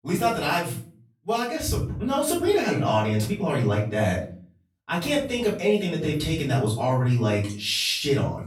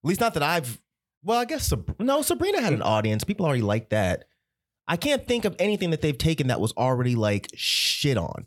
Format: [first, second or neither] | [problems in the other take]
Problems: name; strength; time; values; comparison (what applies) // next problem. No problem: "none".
second | off-mic speech; far // room echo; slight; dies away in 0.4 s